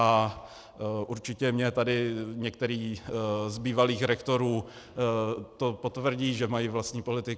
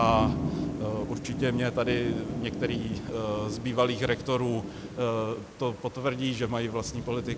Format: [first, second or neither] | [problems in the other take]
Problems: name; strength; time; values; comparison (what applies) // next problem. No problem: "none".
first | background sound (Thunder / Rain); 5 dB below the speech